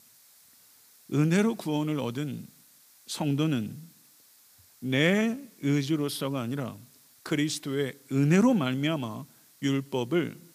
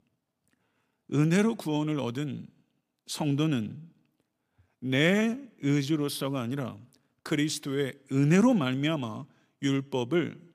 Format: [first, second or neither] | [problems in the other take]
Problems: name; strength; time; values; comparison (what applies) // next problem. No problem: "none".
second | hiss; faint; throughout; 25 dB below the speech